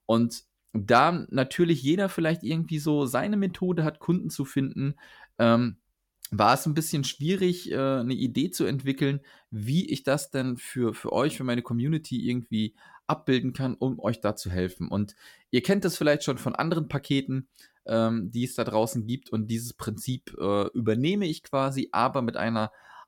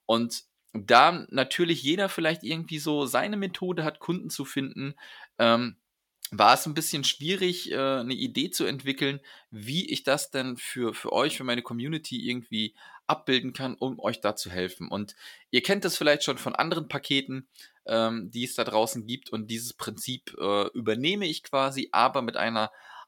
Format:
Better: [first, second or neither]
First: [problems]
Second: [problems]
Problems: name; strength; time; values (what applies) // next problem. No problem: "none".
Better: first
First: none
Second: thin; very slightly; fading below 500 Hz